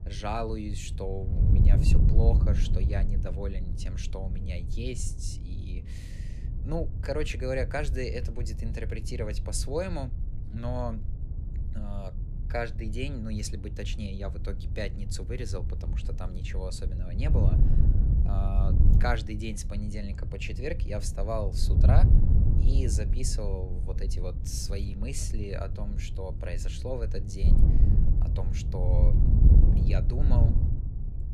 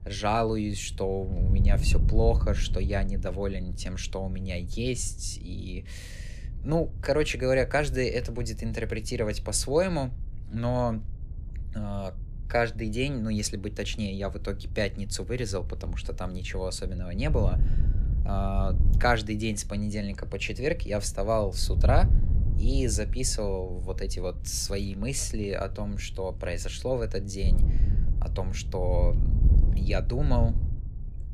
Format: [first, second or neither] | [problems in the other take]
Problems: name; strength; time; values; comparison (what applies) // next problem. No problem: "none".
second | wind noise on the microphone; heavy; 6 dB below the speech; occasional gusts in the second